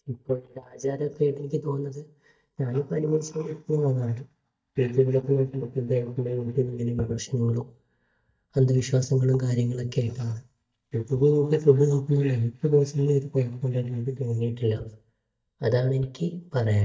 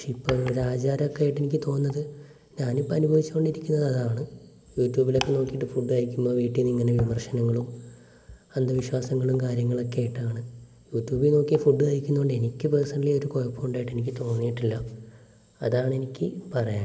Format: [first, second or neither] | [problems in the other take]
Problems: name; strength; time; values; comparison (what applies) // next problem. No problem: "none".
second | noise reduction (neural mask model DeepFilterNet 3)